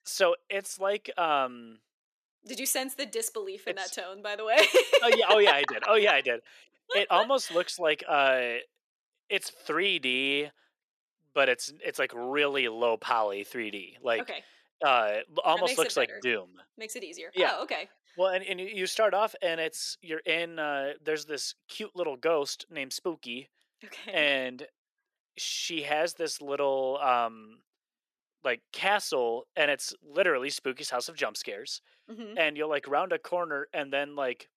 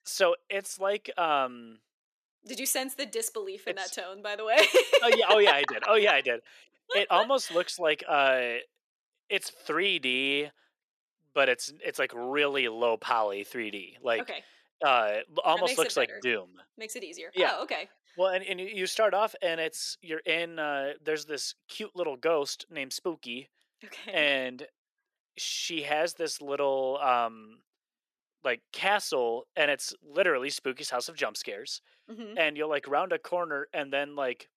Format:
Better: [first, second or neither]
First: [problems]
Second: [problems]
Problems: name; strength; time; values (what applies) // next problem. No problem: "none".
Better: neither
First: thin; somewhat; fading below 300 Hz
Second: thin; somewhat; fading below 300 Hz